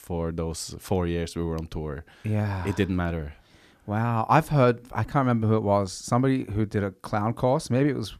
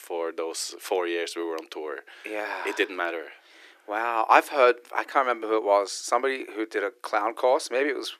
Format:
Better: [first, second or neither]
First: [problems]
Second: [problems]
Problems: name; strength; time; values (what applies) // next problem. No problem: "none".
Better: first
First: none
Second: thin; very; fading below 350 Hz